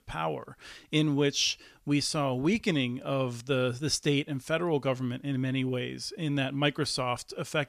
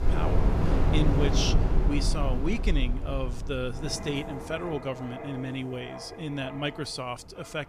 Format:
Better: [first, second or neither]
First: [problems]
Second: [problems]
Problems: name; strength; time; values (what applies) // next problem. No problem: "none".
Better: first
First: none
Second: wind in the background; very loud; throughout; 3 dB above the speech